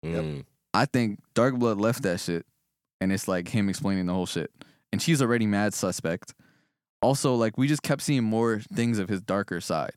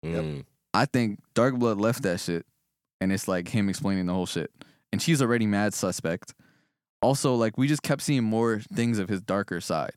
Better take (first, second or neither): neither